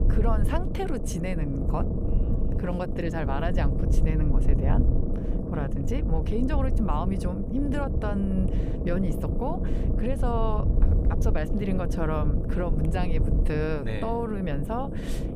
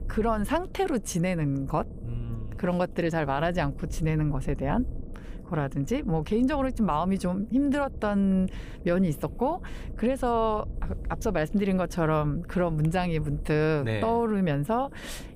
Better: second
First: low rumble; loud; throughout; 5 dB below the speech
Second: low rumble; faint; throughout; 20 dB below the speech

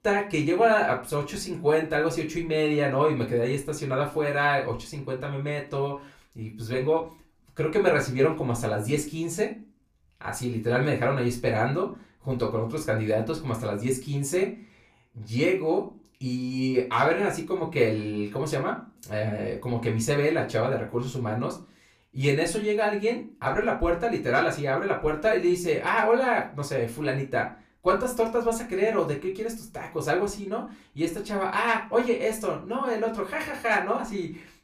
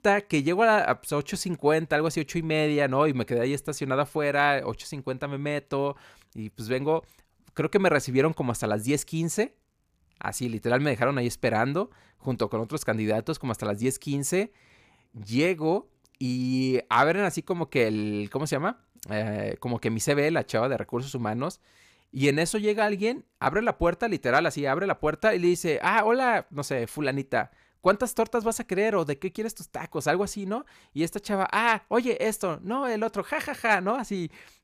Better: second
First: off-mic speech; far // room echo; very slight; dies away in 0.3 s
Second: none

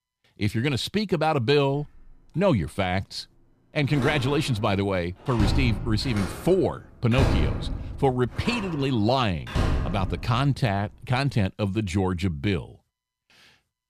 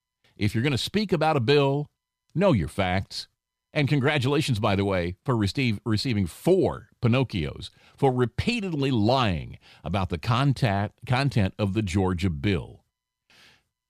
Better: second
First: door banging; loud; from 4 to 10 s; peak 1 dB above the speech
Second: none

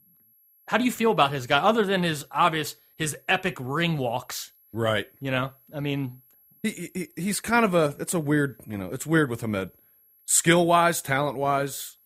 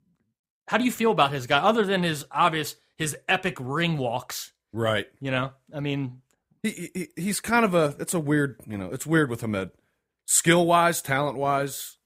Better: second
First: high-pitched whine; faint; throughout; 11.5 kHz, 30 dB below the speech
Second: none

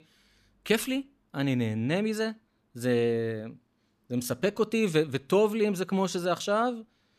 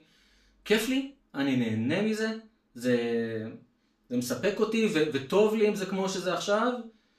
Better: first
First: none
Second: room echo; slight; dies away in 0.3 s // off-mic speech; far

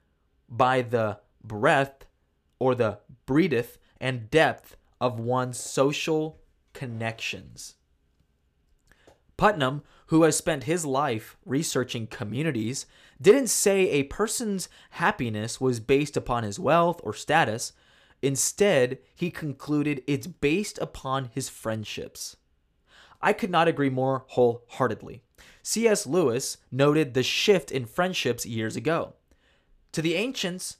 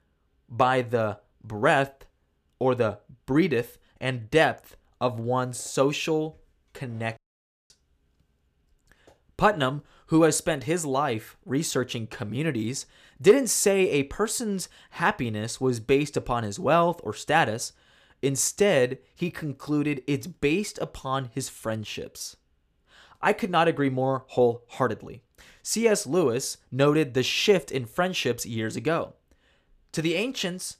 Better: first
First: none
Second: audio cutting out; at 7 s for 0.5 s

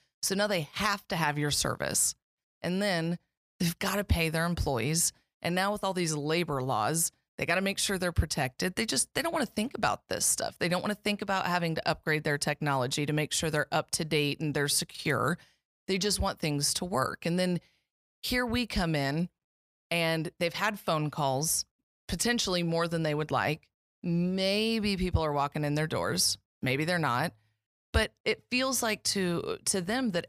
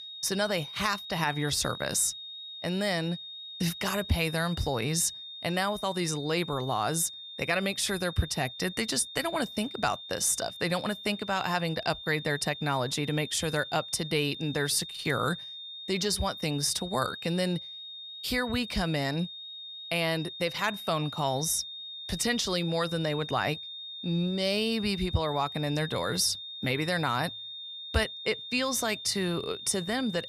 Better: first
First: none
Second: high-pitched whine; loud; throughout; 3.5 kHz, 10 dB below the speech

